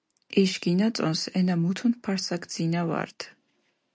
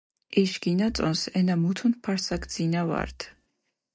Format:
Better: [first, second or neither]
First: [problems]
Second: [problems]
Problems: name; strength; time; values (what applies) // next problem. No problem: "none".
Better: first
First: none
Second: noise reduction (neural mask model DeepFilterNet 3)